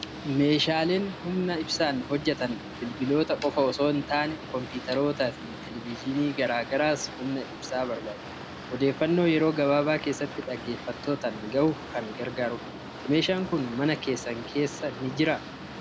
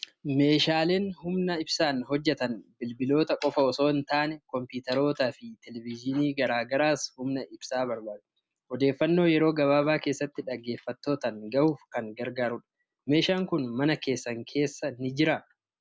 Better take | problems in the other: second | background sound (Boat, Water vehicle); 12 dB below the speech

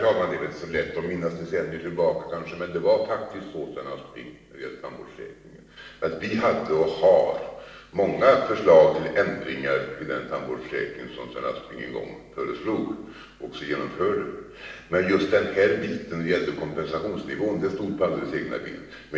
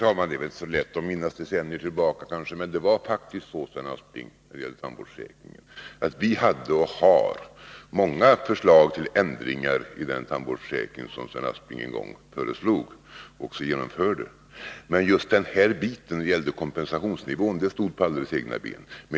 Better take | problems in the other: second | room echo; dies away in 0.9 s

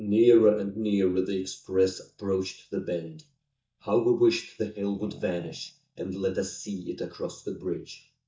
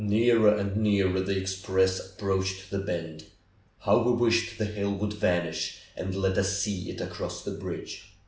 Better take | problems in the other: second | noise reduction (neural mask model DeepFilterNet 3)

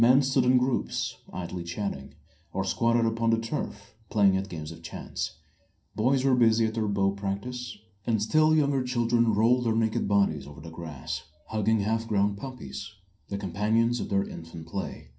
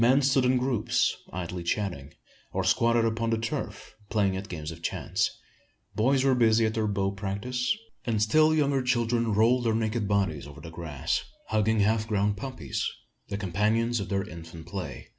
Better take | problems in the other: second | room echo; dies away in 0.3 s

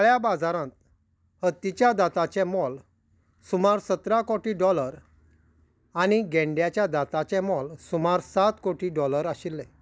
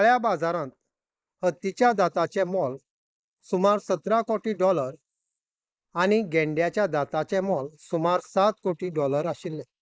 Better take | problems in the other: first | noise reduction (neural mask model Resemble Enhance denoiser)

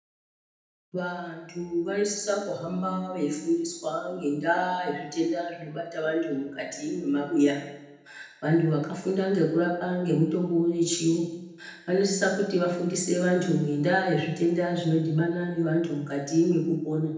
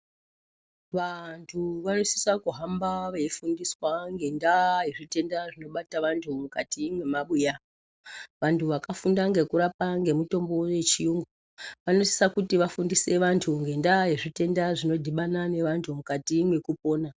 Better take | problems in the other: second | room echo; dies away in 0.9 s

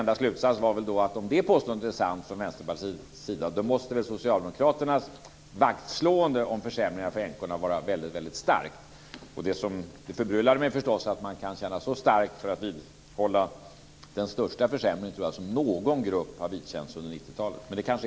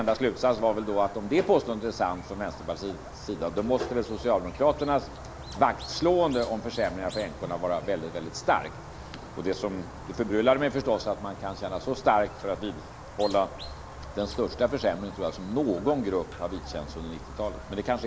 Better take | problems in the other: first | background sound (Squeak); 13 dB below the speech

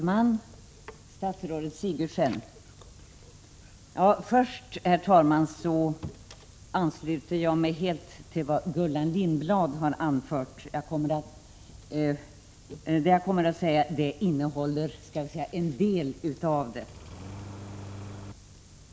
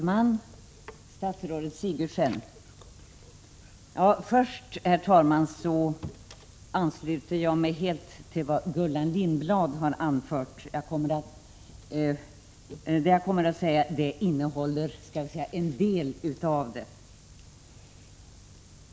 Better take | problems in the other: second | background sound (Engine starting); 15 dB below the speech

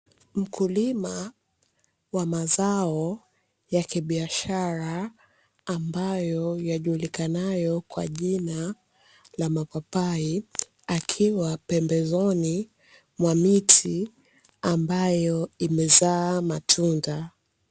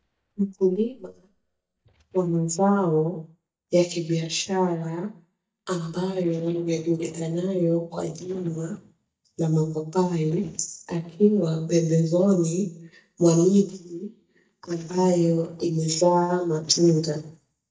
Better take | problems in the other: first | noise reduction (neural mask model DeepFilterNet 3)

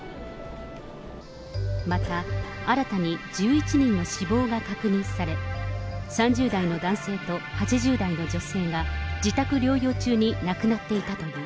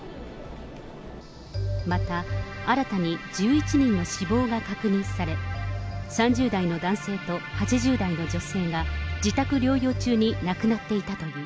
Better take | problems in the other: second | background sound (Wind instrument, woodwind instrument + Cough); 19 dB below the speech

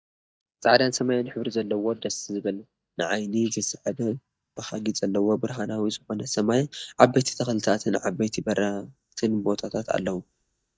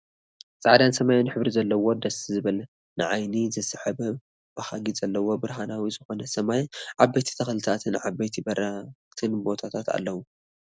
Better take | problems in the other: second | noise reduction (neural mask model DeepFilterNet 3)

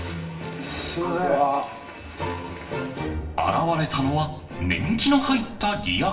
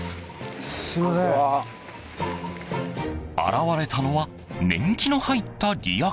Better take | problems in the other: second | background sound (Guitar); 16 dB below the speech // room echo; dies away in 0.7 s

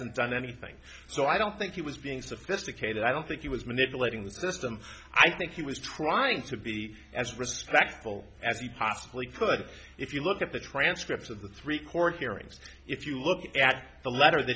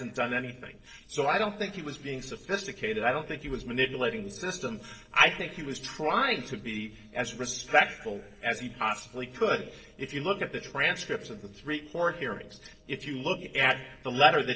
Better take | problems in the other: first | noise reduction (neural separator model SepFormer DNS4)

